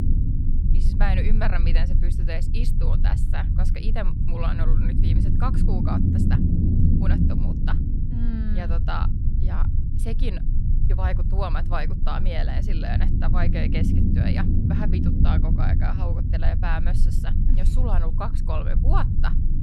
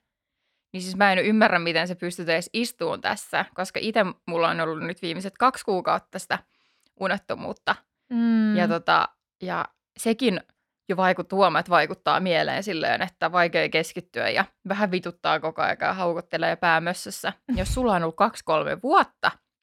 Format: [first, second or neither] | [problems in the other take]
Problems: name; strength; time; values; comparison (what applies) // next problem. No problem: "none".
second | low rumble; loud; throughout; 3 dB below the speech